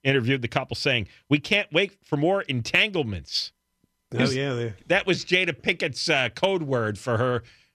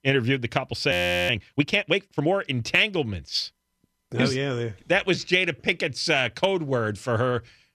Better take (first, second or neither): first